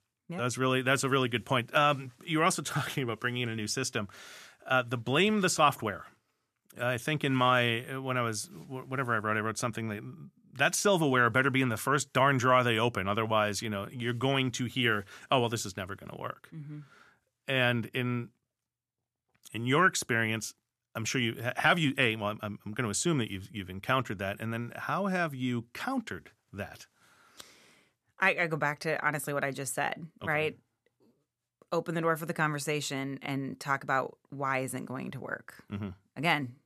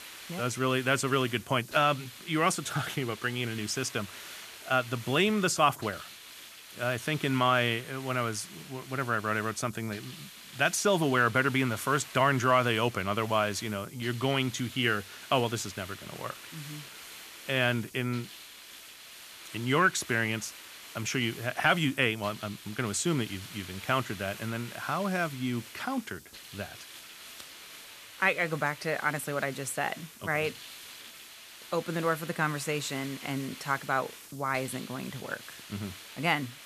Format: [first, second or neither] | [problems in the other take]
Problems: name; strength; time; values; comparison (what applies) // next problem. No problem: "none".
first | hiss; noticeable; throughout; 15 dB below the speech